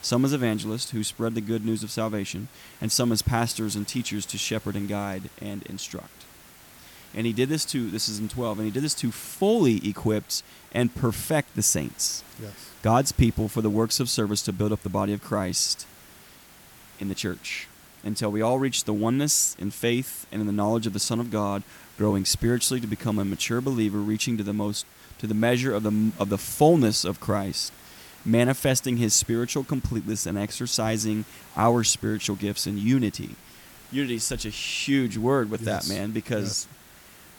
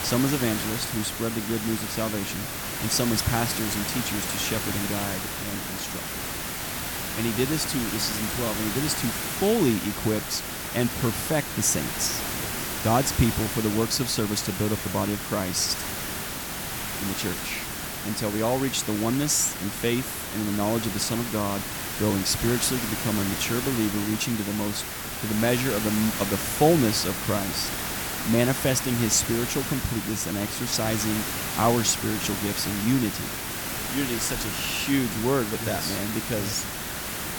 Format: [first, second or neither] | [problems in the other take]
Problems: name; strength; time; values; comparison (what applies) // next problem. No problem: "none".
first | hiss; loud; throughout; 3 dB below the speech; faint in the first